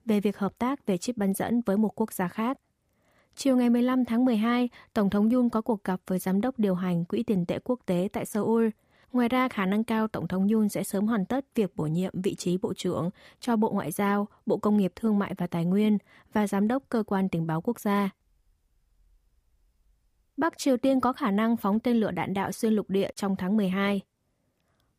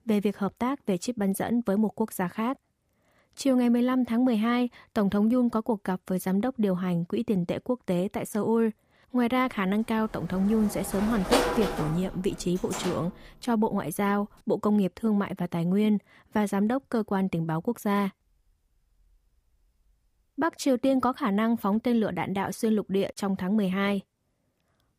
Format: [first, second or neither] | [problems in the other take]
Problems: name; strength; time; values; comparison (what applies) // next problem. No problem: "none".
first | door banging; loud; from 11 to 13 s; peak 2 dB above the speech